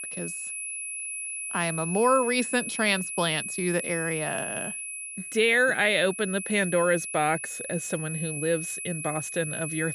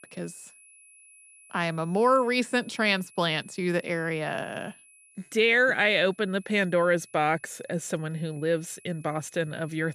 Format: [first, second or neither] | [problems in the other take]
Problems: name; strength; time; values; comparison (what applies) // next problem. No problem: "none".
second | high-pitched whine; loud; throughout; 2.5 kHz, 6 dB below the speech; faint in the second